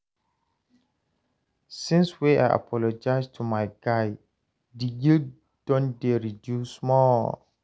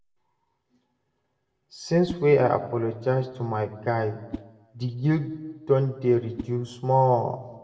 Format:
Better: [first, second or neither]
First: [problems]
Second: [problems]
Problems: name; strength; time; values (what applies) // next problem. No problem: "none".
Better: first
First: none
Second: background sound (Whoosh, swoosh, swish); 20 dB below the speech // room echo; dies away in 0.9 s